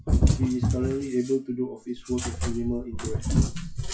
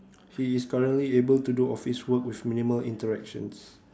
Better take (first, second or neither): second